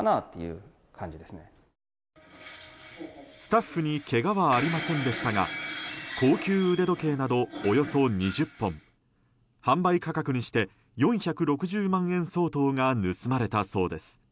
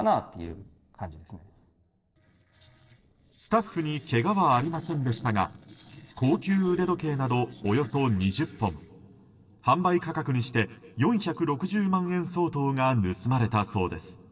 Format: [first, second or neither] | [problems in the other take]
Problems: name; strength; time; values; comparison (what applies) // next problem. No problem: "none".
first | noise reduction (neural separator model SepFormer DNS4)